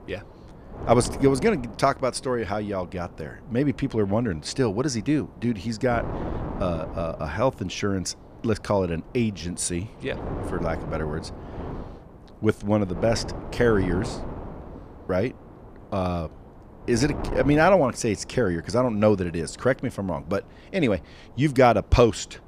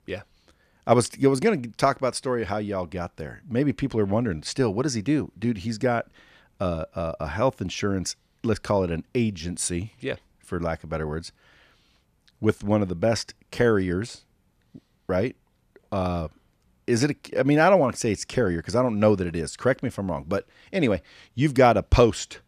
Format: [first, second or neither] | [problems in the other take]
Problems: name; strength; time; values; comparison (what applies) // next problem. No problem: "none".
second | wind noise on the microphone; occasional gusts; 15 dB below the speech